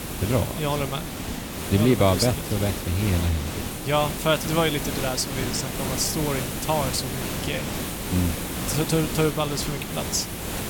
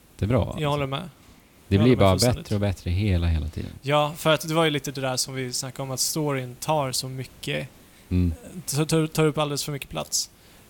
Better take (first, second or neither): second